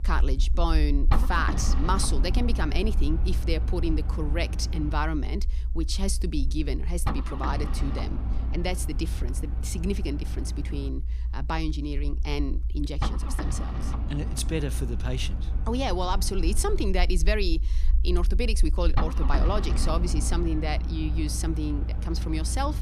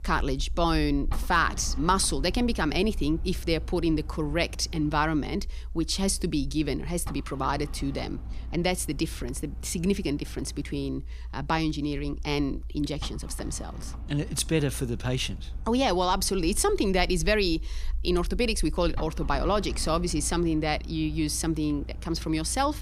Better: second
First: low rumble; loud; throughout; 9 dB below the speech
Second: low rumble; faint; throughout; 20 dB below the speech

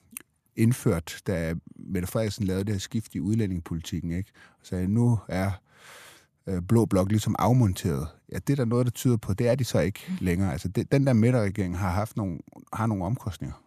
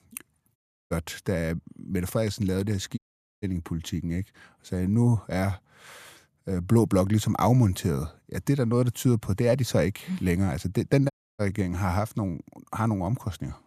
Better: first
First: none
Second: audio cutting out; at 0.5 s, at 3 s and at 11 s

